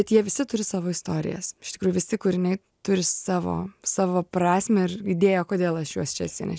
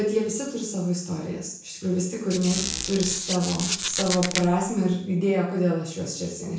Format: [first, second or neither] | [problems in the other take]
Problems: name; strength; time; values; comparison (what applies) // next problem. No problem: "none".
first | background sound (Squeak); 5 dB below the speech // room echo; dies away in 0.7 s